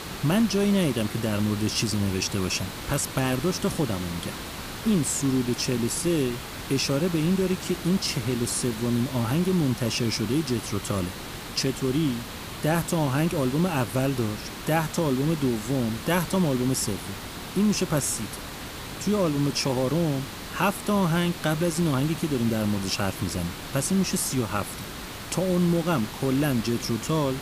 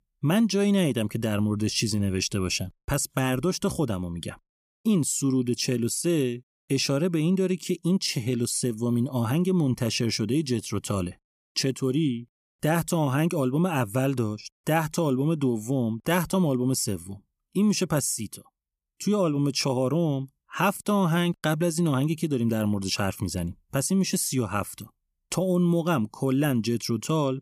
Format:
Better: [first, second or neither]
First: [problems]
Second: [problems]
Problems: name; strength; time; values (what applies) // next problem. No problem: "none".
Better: second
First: hiss; loud; throughout; 10 dB below the speech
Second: none